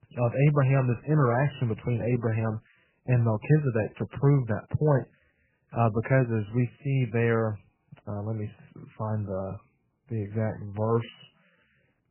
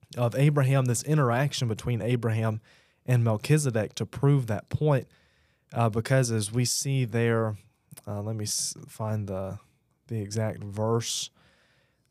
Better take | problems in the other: second | garbled, watery; badly; nothing above 3 kHz

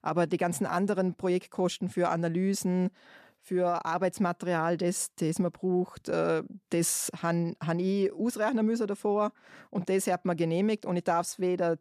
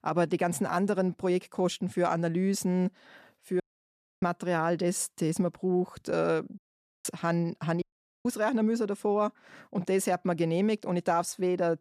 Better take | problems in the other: first | audio cutting out; at 3.5 s for 0.5 s, at 6.5 s and at 8 s

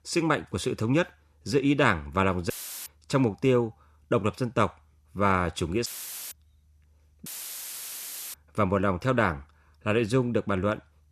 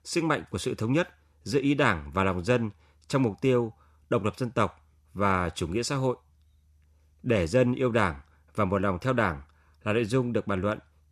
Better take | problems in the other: second | audio cutting out; filled with static; at 2.5 s, at 6 s and at 7.5 s for 1 s

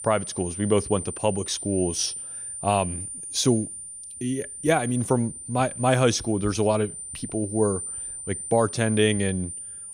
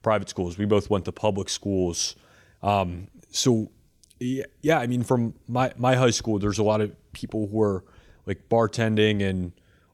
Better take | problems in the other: second | high-pitched whine; loud; throughout; 9 kHz, 8 dB below the speech

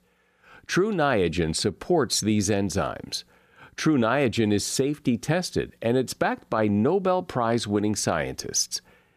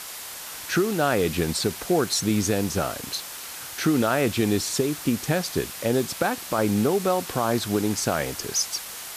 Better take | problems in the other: first | hiss; loud; throughout; 9 dB below the speech

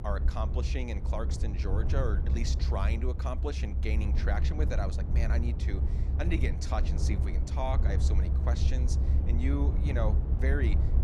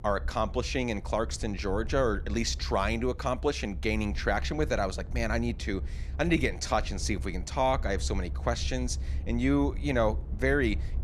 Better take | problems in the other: second | low rumble; loud; throughout; 6 dB below the speech; faint in the second

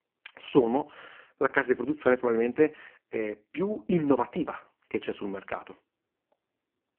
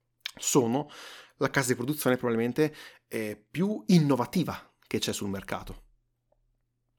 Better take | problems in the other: second | phone-call audio; poor line

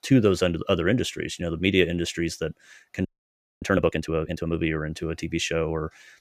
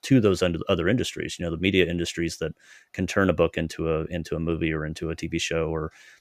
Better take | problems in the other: second | audio freezing; at 3 s for 0.5 s

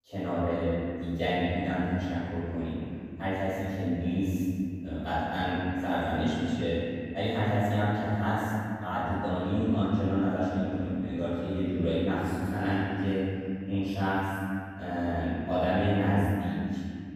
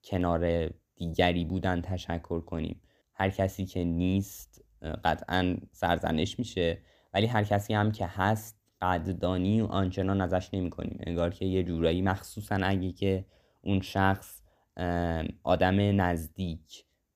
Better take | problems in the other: second | off-mic speech; far // room echo; strong; dies away in 2.6 s

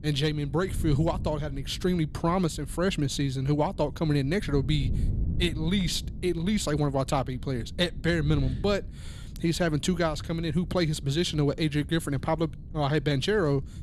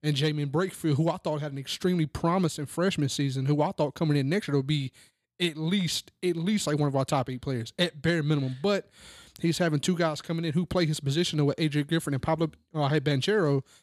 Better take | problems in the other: second | wind noise on the microphone; occasional gusts; 20 dB below the speech

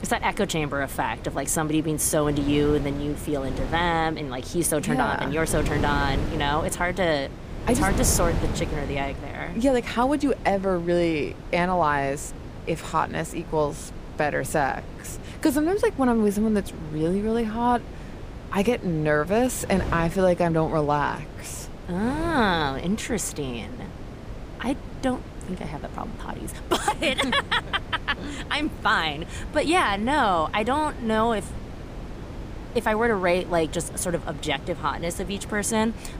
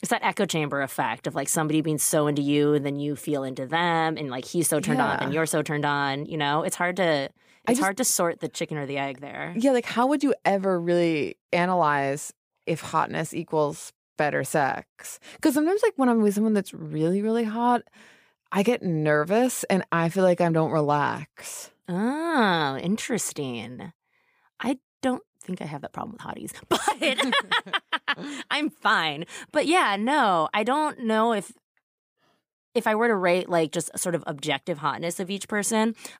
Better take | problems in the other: second | wind noise on the microphone; occasional gusts; 15 dB below the speech

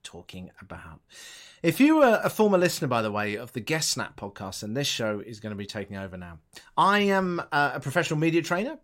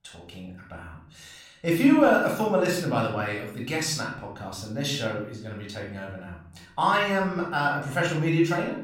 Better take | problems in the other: first | off-mic speech; somewhat distant // room echo; noticeable; dies away in 0.5 s

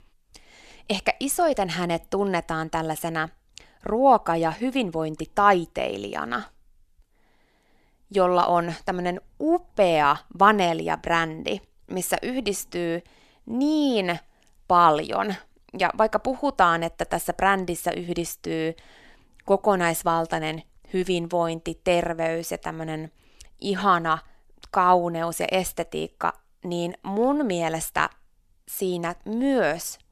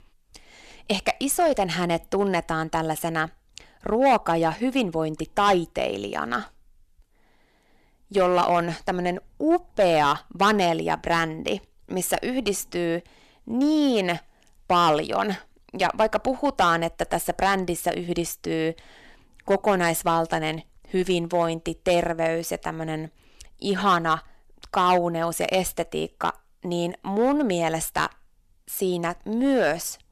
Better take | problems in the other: first | distortion; slight; 3% of the sound clipped

